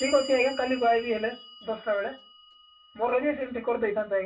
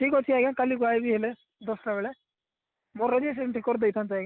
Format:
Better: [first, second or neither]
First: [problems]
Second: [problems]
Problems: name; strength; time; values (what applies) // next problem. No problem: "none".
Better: second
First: background sound (Clock); 17 dB below the speech // room echo; dies away in 0.2 s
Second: none